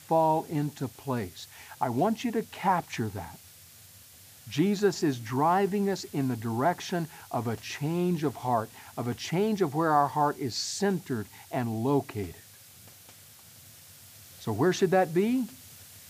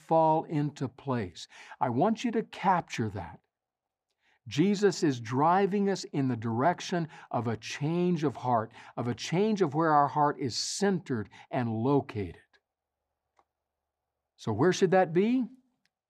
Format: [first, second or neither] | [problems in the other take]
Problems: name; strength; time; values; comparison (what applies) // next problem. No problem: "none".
second | hiss; faint; throughout; 20 dB below the speech